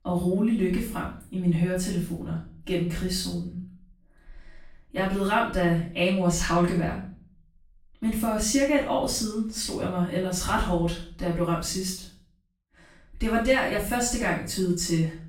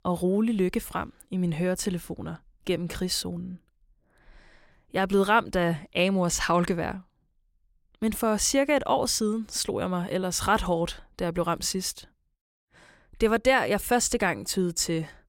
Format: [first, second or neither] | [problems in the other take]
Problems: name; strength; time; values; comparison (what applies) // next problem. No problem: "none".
second | room echo; noticeable; dies away in 0.4 s // off-mic speech; far